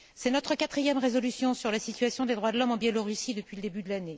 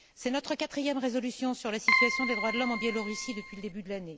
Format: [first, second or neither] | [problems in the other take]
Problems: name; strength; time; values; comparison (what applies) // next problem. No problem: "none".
first | background sound (Keyboard (musical)); 1 dB above the speech